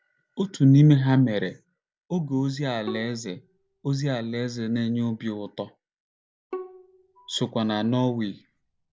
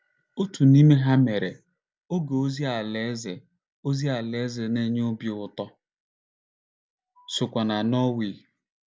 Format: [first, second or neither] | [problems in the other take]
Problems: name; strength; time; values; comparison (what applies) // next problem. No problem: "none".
second | background sound (Bowed string instrument); 19 dB below the speech